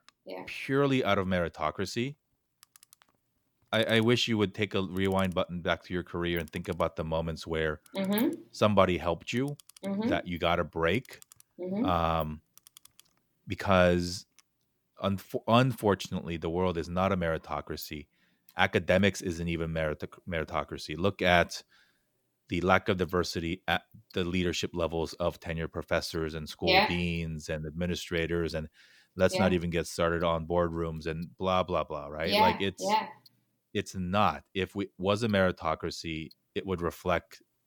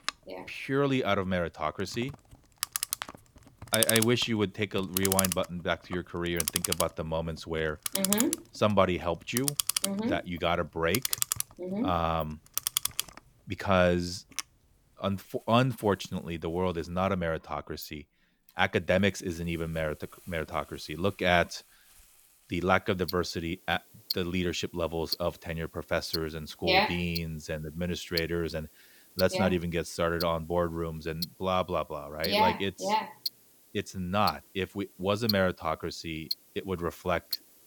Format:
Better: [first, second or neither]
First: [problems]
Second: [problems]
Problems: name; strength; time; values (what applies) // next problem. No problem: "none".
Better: first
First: household noises; faint; throughout; 30 dB below the speech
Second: household noises; loud; throughout; 2 dB below the speech